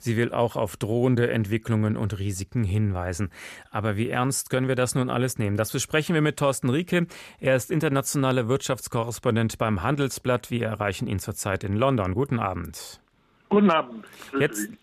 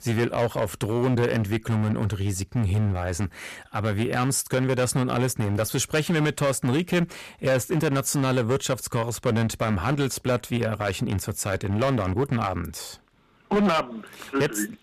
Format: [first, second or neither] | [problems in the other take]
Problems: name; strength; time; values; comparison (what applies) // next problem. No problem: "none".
first | distortion; slight; 10% of the sound clipped